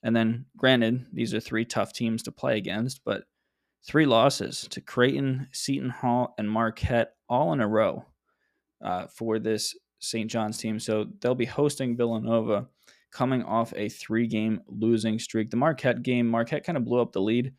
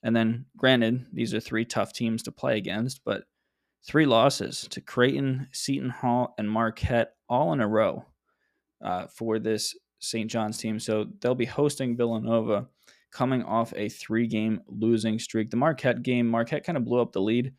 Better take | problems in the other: neither | none

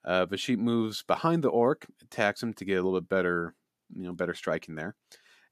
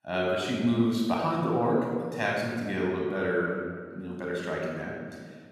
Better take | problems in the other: first | room echo; noticeable; dies away in 1.6 s // off-mic speech; somewhat distant

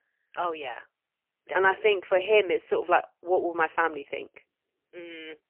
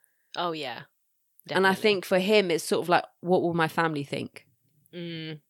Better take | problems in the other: second | phone-call audio; poor line; nothing above 3 kHz

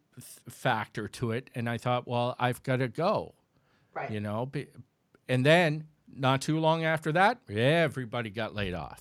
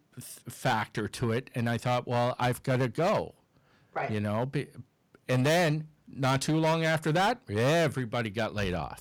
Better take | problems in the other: first | distortion; heavy; 11% of the sound clipped

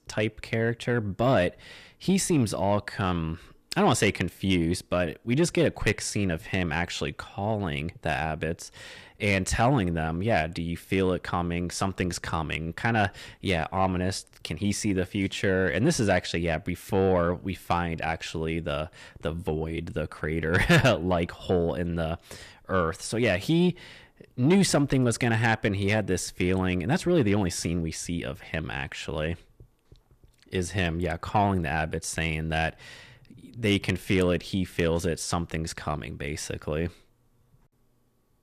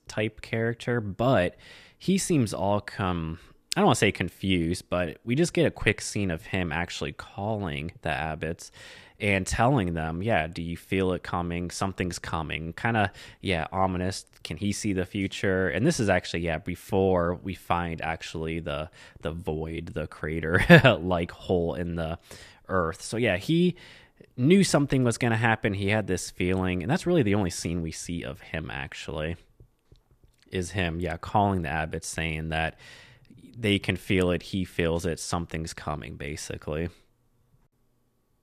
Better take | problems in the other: second | distortion; slight; 10 dB below the speech

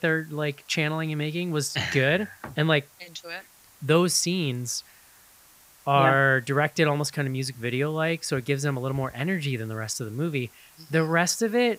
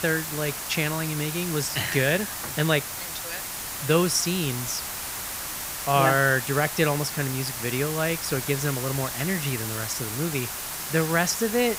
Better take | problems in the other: first | hiss; loud; throughout; 5 dB below the speech; faint in the first

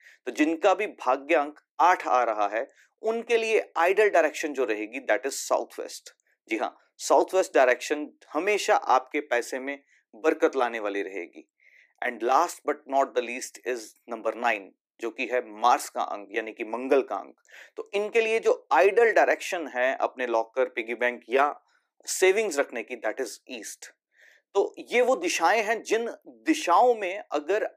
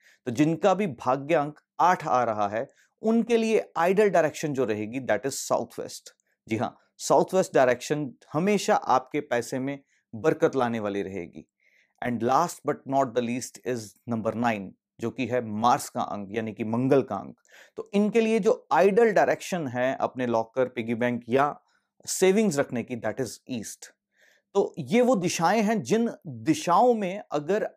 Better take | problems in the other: second | thin; somewhat; fading below 300 Hz

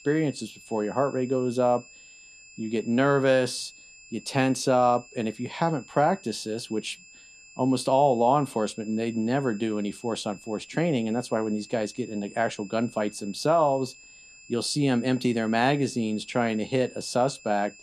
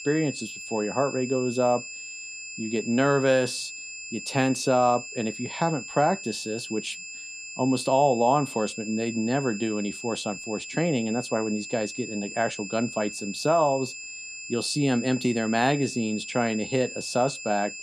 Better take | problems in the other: first | high-pitched whine; loud; throughout; 2.5 kHz, 10 dB below the speech; faint in the first

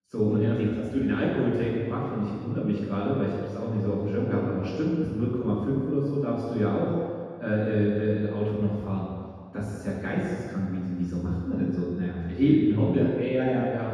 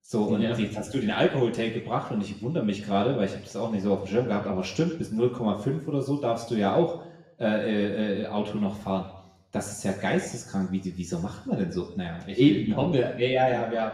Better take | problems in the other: second | room echo; strong; dies away in 1.8 s; slight in the second // off-mic speech; far; somewhat distant in the second

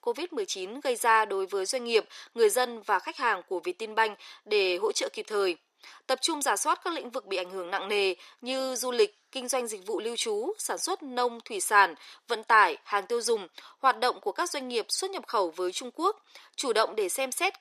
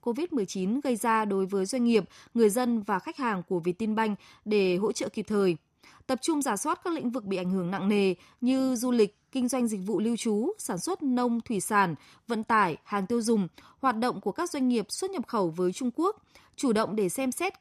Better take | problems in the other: second | thin; very; fading below 400 Hz

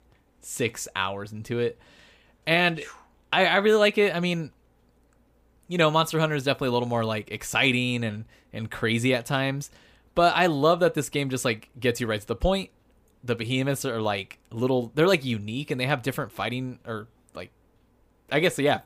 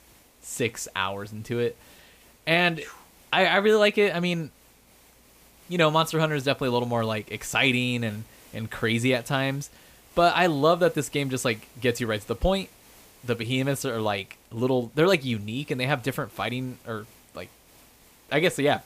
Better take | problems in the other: first | hiss; faint; throughout; 30 dB below the speech

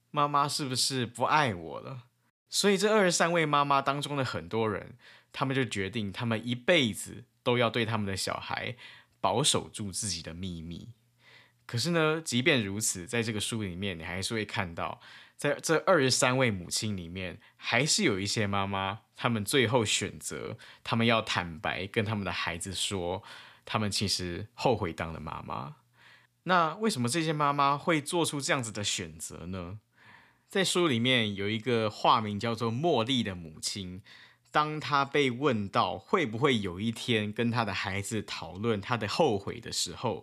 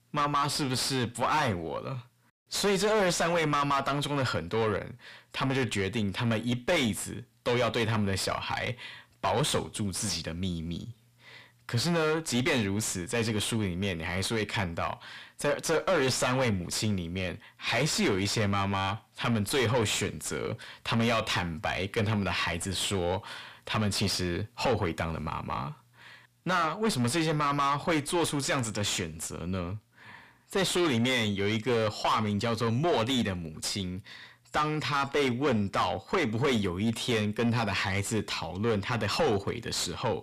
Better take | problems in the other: first | distortion; heavy; 5 dB below the speech

